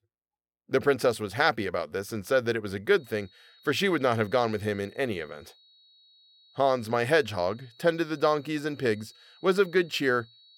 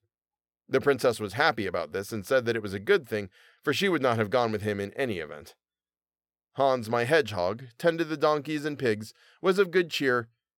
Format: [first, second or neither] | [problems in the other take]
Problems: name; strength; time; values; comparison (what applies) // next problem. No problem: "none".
second | high-pitched whine; faint; from 3 s on; 4 kHz, 30 dB below the speech